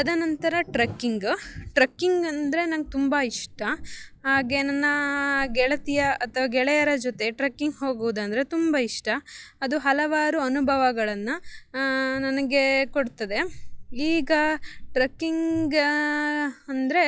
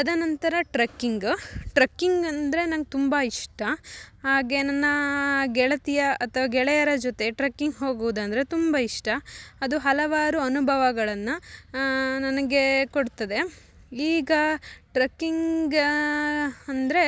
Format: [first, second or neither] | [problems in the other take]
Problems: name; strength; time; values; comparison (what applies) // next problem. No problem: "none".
second | noise reduction (classical method log-MMSE)